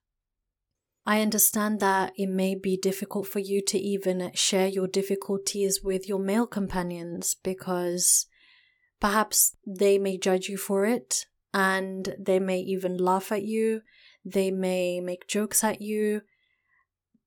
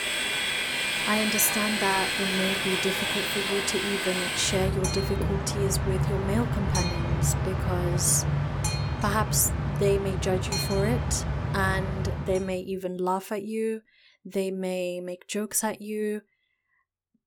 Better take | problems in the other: first | train or aircraft noise; very loud; until 12 s; 1 dB above the speech

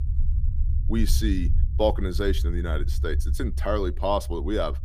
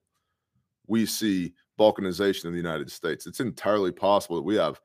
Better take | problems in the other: second | low rumble; noticeable; throughout; 20 dB below the speech

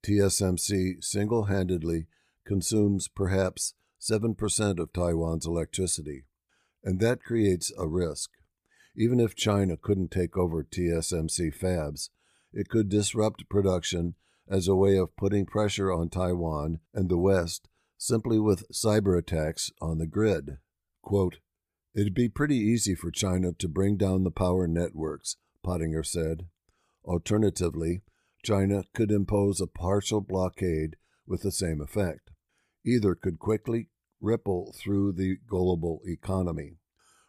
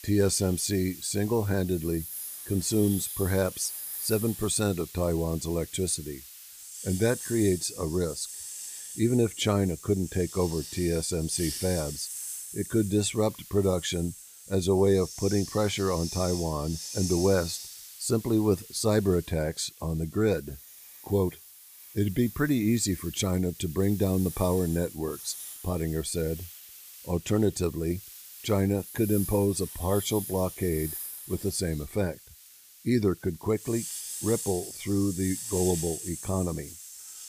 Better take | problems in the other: first | hiss; noticeable; throughout; 10 dB below the speech

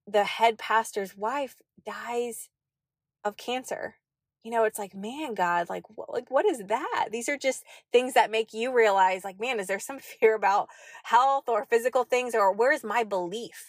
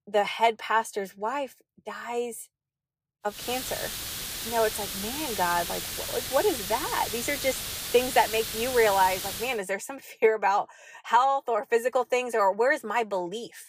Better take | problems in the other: first | hiss; loud; from 3.5 to 9.5 s; 5 dB below the speech

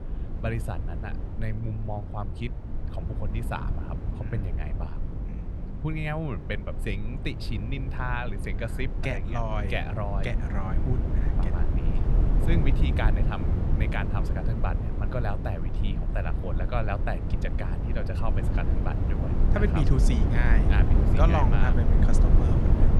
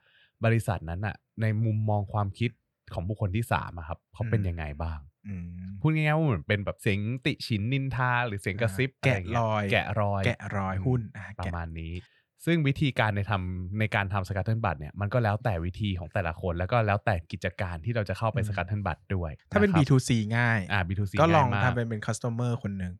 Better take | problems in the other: second | low rumble; loud; throughout; 5 dB below the speech

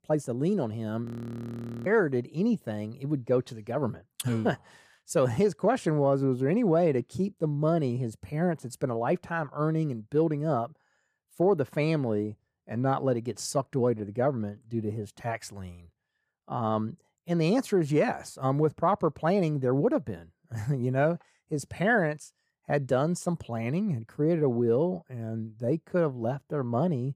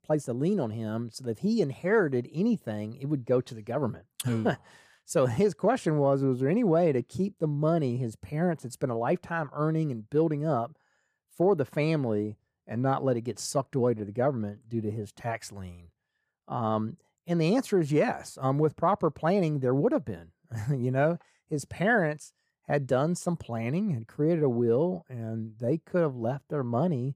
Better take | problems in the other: second | audio freezing; at 1 s for 1 s

